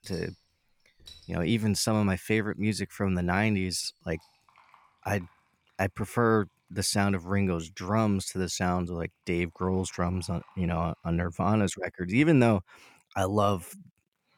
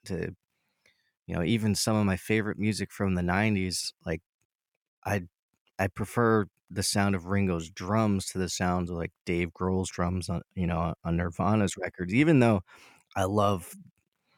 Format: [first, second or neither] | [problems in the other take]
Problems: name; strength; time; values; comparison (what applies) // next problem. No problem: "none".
second | household noises; faint; until 11 s; 30 dB below the speech